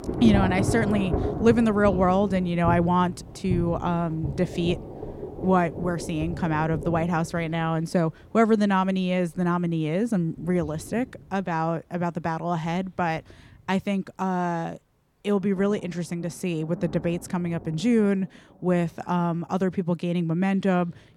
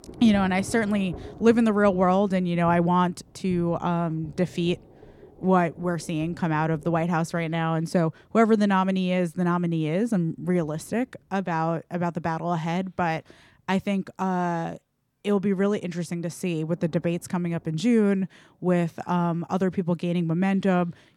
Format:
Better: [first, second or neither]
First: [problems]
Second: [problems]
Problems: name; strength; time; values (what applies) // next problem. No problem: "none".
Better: second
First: rain or running water; loud; throughout; 7 dB below the speech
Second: rain or running water; faint; throughout; 20 dB below the speech